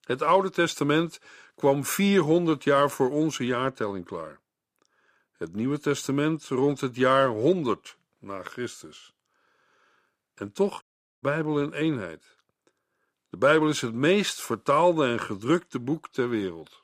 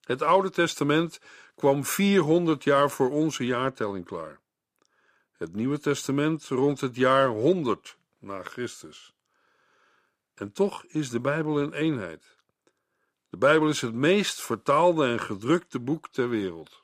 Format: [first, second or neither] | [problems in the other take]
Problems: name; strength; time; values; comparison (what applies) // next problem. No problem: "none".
second | audio cutting out; at 11 s